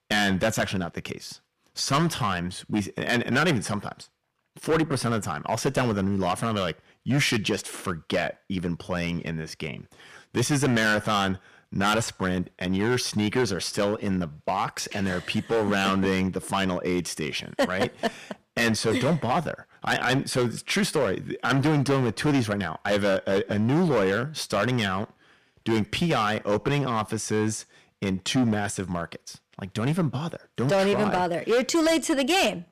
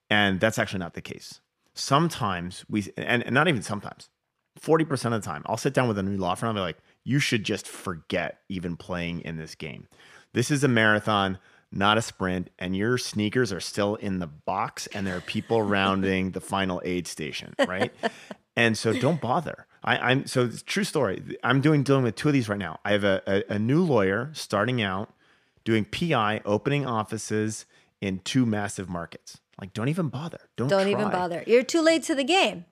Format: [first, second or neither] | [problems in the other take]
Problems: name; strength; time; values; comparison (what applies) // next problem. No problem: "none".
second | distortion; heavy; 8% of the sound clipped